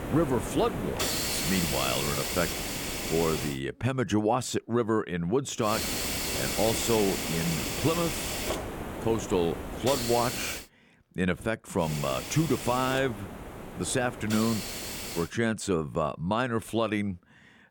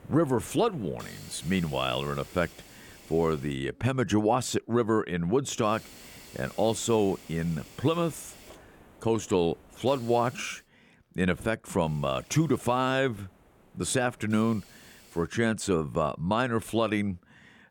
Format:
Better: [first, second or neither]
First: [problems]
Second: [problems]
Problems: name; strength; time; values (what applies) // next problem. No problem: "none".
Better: second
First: hiss; loud; until 3.5 s, from 5.5 to 11 s and from 12 to 15 s; 3 dB below the speech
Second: hiss; faint; until 3.5 s, from 5.5 to 11 s and from 12 to 15 s; 20 dB below the speech